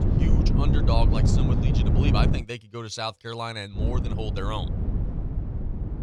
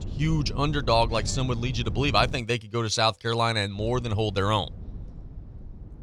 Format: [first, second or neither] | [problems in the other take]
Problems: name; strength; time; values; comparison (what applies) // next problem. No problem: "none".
second | wind noise on the microphone; heavy; until 2.5 s and from 4 s on; 3 dB below the speech; occasional gusts in the second